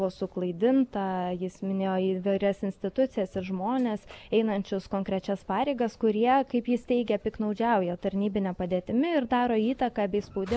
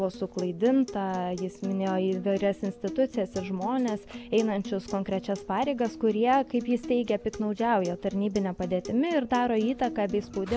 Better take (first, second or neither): first